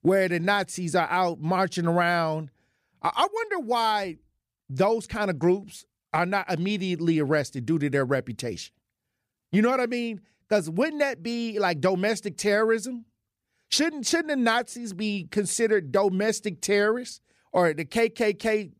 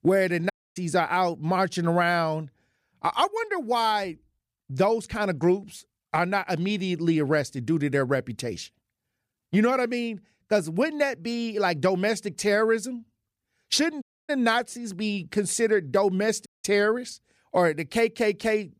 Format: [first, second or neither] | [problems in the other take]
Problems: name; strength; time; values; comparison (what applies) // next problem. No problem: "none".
first | audio cutting out; at 0.5 s, at 14 s and at 16 s